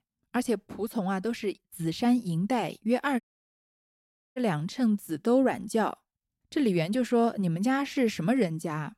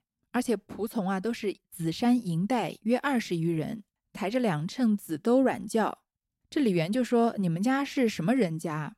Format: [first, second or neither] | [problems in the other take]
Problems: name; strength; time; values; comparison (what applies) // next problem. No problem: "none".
second | audio cutting out; at 3 s for 1 s